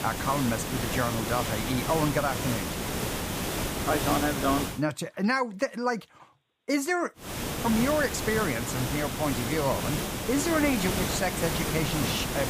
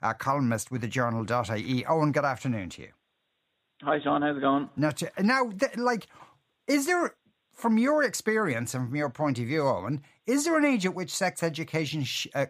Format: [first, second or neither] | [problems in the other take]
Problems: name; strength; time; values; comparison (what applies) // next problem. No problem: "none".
second | hiss; loud; until 4.5 s and from 7.5 s on; 2 dB below the speech